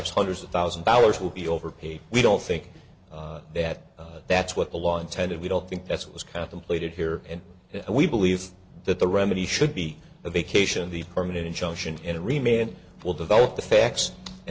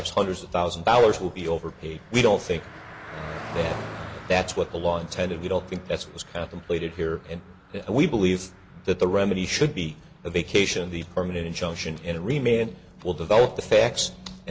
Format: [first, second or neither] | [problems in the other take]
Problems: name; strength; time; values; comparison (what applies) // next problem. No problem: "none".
first | background sound (Car passing by); 19 dB below the speech